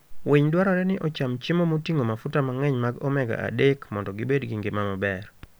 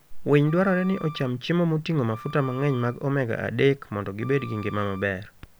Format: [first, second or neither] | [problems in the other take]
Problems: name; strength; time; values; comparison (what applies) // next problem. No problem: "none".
first | background sound (Wind instrument, woodwind instrument); 20 dB below the speech